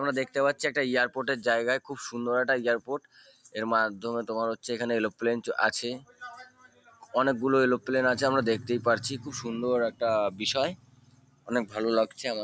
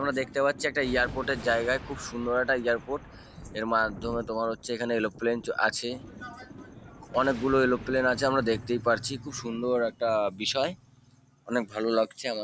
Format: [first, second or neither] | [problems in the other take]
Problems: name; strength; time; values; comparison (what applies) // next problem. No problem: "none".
first | background sound (Thunder); 16 dB below the speech